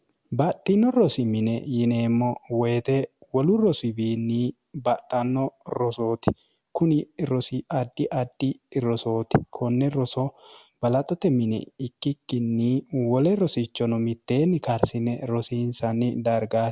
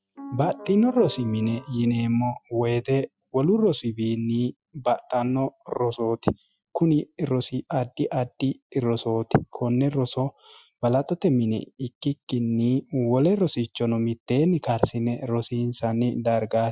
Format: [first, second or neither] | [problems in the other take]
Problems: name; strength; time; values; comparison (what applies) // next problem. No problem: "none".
first | noise reduction (classical method Wiener filter)